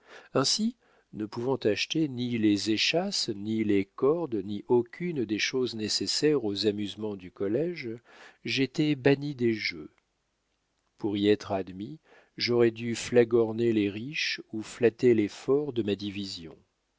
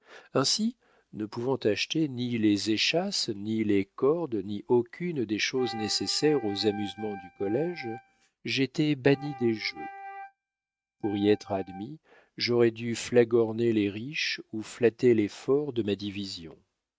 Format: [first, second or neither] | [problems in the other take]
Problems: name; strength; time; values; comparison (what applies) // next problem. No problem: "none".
first | noise reduction (neural mask model RNNoise)